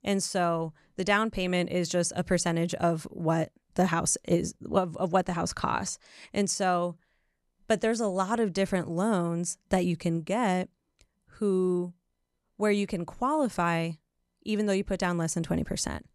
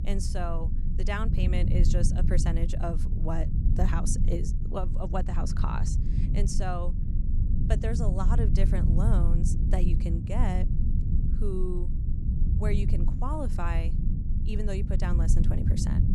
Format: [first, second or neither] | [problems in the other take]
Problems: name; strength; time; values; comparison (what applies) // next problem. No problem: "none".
first | low rumble; loud; throughout; 5 dB below the speech